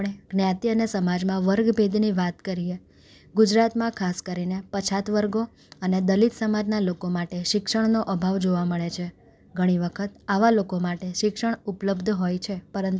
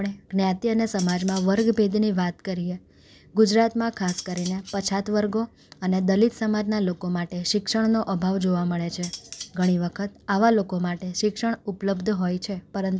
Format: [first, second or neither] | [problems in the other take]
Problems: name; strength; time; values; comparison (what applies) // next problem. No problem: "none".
first | background sound (Cutlery, silverware); 17 dB below the speech